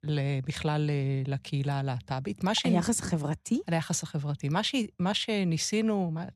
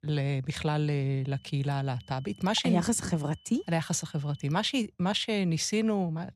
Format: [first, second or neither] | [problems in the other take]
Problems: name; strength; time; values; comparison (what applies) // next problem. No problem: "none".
first | high-pitched whine; faint; from 1 to 4.5 s; 3 kHz, 30 dB below the speech